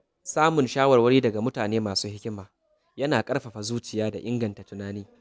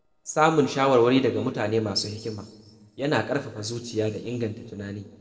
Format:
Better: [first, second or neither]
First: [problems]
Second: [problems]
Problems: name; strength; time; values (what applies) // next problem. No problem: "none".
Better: first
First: none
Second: noise reduction (neural separator model SepFormer DNS4)